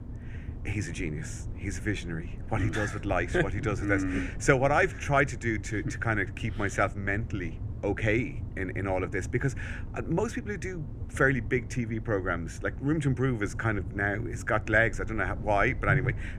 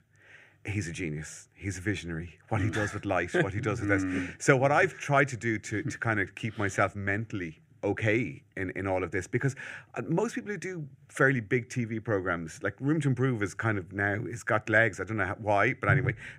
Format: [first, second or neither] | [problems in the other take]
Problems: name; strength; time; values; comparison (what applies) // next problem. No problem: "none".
second | low rumble; faint; throughout; 20 dB below the speech